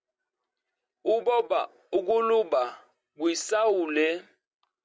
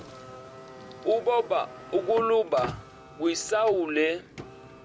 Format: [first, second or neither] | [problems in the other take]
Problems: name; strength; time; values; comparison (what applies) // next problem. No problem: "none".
first | background sound (Car); 15 dB below the speech